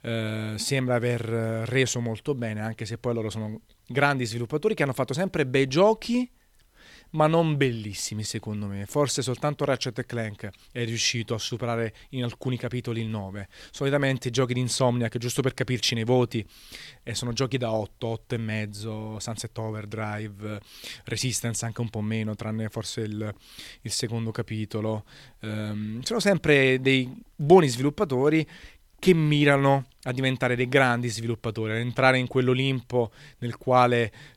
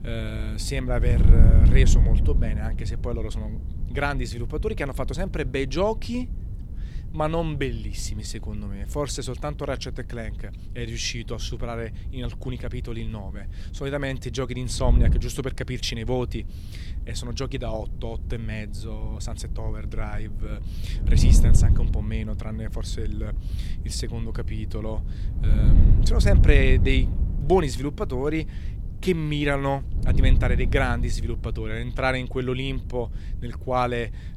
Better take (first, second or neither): first